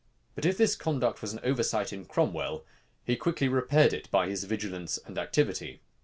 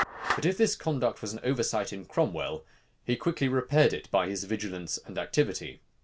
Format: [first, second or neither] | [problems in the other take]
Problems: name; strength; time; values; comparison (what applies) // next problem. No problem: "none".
first | background sound (Clapping); 13 dB below the speech